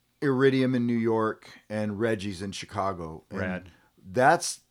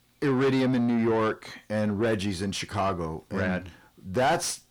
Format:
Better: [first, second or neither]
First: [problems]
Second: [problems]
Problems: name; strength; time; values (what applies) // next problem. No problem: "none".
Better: first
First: none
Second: distortion; heavy; 7 dB below the speech